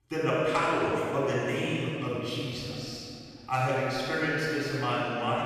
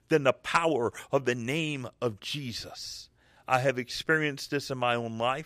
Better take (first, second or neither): second